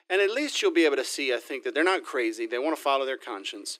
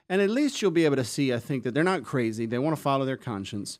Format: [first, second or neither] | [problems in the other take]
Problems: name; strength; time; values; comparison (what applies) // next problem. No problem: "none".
second | thin; very; fading below 350 Hz